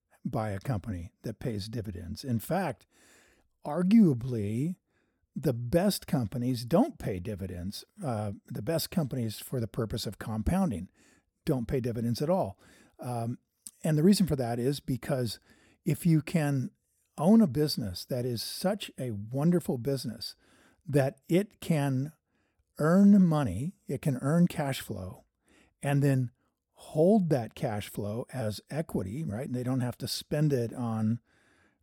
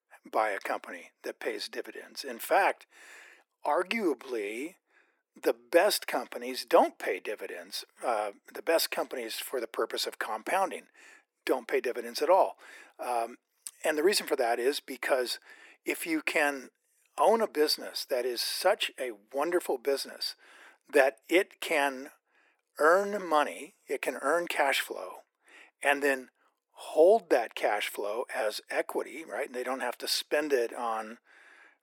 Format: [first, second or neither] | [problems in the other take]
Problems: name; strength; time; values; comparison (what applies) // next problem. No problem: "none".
first | thin; very; fading below 350 Hz